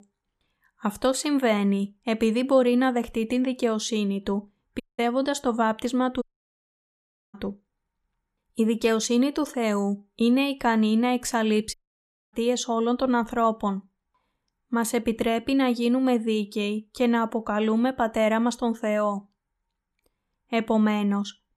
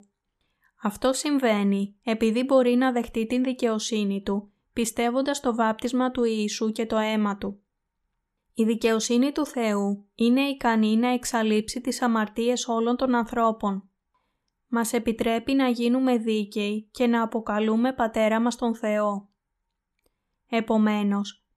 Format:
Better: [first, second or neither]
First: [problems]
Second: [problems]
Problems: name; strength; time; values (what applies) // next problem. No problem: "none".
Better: second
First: audio cutting out; at 5 s, at 6 s for 1 s and at 12 s for 0.5 s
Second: none